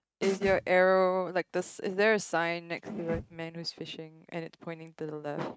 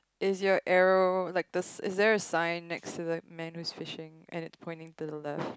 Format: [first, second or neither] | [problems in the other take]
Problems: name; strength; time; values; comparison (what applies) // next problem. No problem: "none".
second | noise reduction (neural mask model RNNoise)